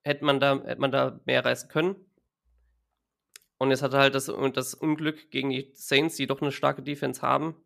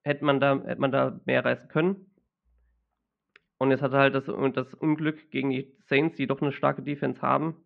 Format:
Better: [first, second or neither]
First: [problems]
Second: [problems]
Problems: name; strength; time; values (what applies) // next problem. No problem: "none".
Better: first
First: none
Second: muffled; very; fading above 2.5 kHz